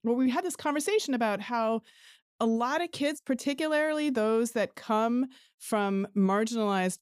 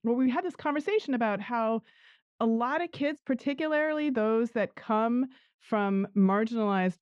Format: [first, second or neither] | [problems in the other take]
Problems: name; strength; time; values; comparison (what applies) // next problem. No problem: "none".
first | muffled; slightly; fading above 2.5 kHz